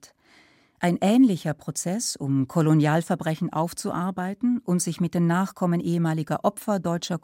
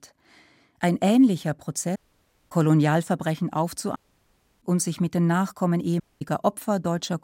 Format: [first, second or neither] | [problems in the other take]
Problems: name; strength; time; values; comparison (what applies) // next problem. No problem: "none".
first | audio cutting out; at 2 s for 0.5 s, at 4 s for 0.5 s and at 6 s